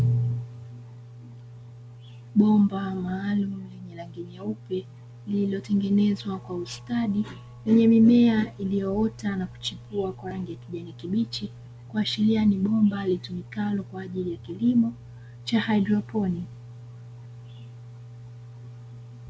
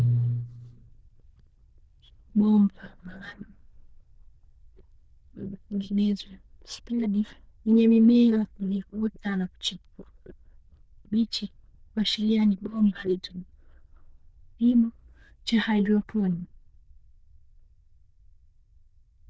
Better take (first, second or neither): first